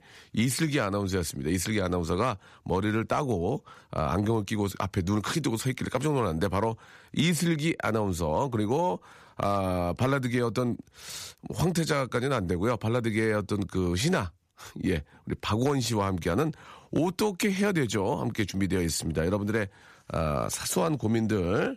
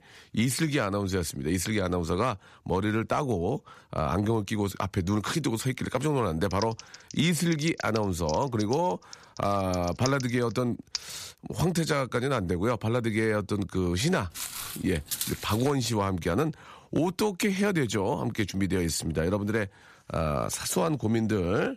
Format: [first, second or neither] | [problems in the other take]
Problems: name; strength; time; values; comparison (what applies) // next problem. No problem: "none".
first | keyboard typing; noticeable; from 6.5 to 11 s; peak 8 dB below the speech // footsteps; noticeable; from 14 to 16 s; peak 3 dB below the speech